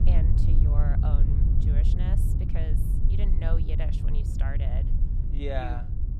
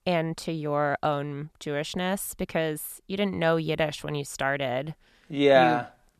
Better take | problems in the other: second | low rumble; loud; throughout; 2 dB below the speech

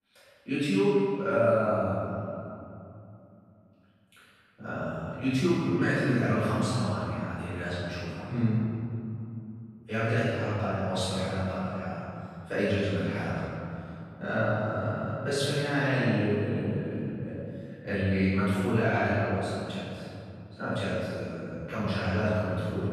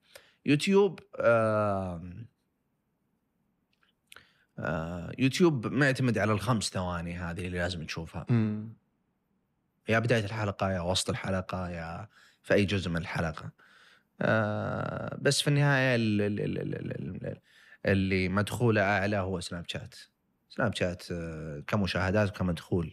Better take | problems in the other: second | off-mic speech; far // room echo; strong; dies away in 2.6 s

